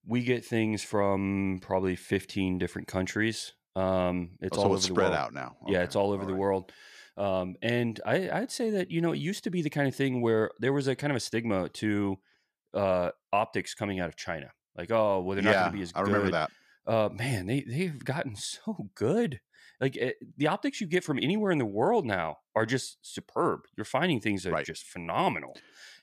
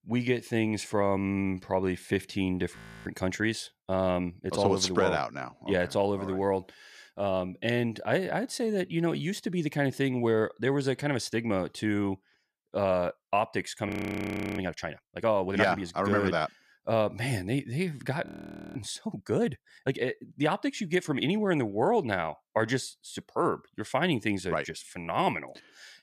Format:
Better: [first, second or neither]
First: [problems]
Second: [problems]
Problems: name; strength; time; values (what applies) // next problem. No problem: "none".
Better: first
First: none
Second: audio freezing; at 3 s, at 14 s for 0.5 s and at 18 s